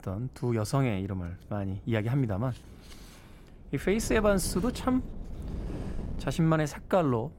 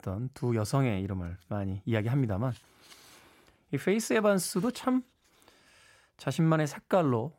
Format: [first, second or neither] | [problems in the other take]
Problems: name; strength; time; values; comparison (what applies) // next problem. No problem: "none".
second | wind noise on the microphone; occasional gusts; 20 dB below the speech